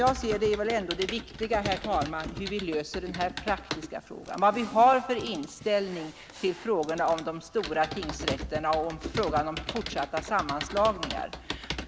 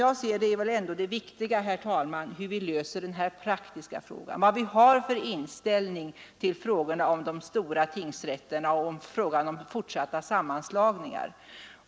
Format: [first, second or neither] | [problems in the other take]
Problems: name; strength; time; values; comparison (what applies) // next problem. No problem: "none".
second | background sound (Computer keyboard); 9 dB below the speech